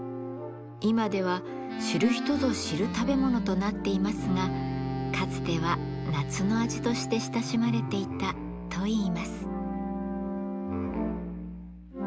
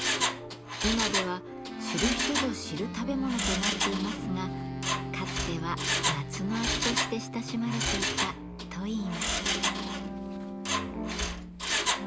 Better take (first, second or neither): first